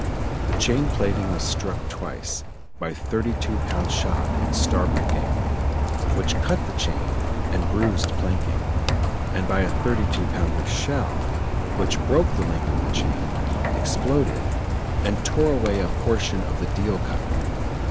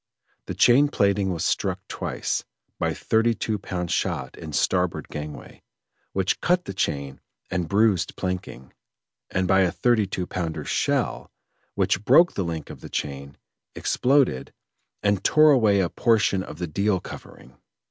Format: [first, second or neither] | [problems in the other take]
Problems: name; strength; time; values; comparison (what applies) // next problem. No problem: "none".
second | background sound (Rain); 5 dB above the speech